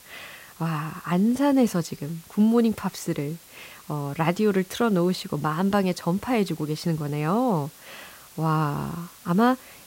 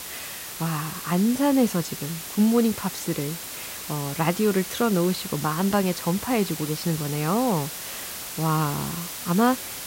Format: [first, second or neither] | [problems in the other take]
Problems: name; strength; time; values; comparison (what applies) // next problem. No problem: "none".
first | hiss; loud; throughout; 8 dB below the speech; faint in the first